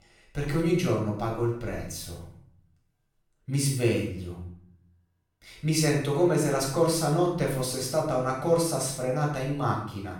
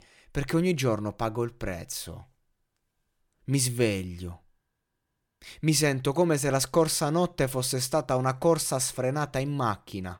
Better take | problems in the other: second | off-mic speech; far // room echo; noticeable; dies away in 0.6 s

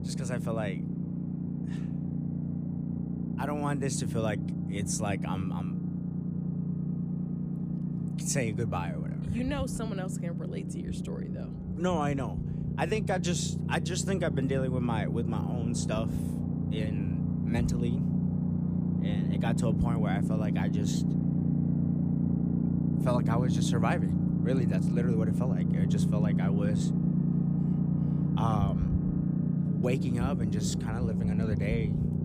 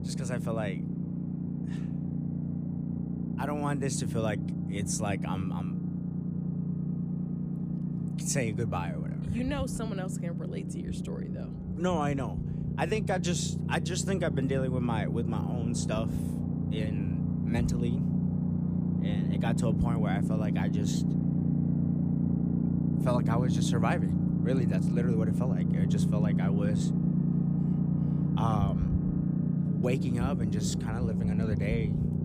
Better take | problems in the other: neither | low rumble; loud; throughout; 3 dB below the speech; the same in both

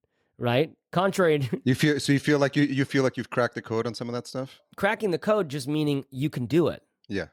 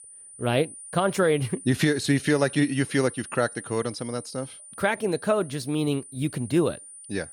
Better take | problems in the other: first | high-pitched whine; noticeable; throughout; 9.5 kHz, 15 dB below the speech

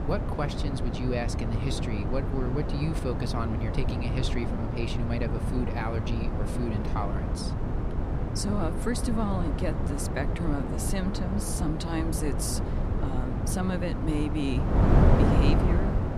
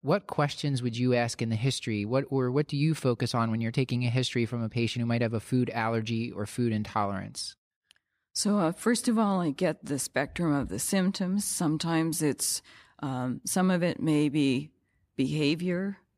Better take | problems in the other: second | wind noise on the microphone; heavy; as loud as the speech

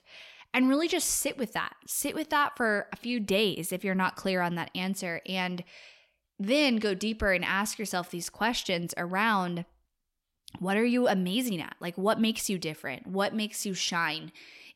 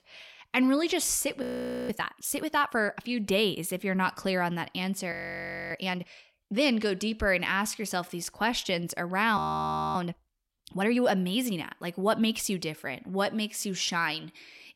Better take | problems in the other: first | audio freezing; at 1.5 s, at 5 s for 0.5 s and at 9.5 s for 0.5 s

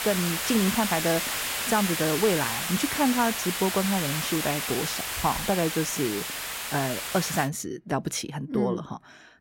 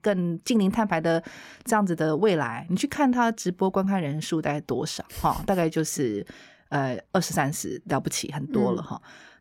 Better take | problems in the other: second | hiss; loud; until 7.5 s; 1 dB below the speech

